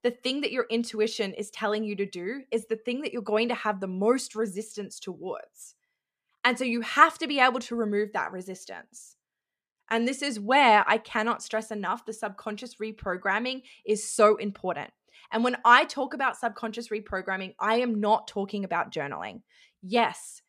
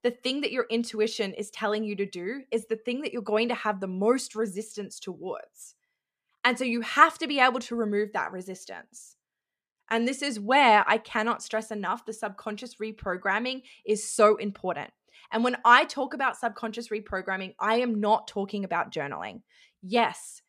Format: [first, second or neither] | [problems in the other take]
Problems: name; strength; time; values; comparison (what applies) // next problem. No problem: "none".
neither | none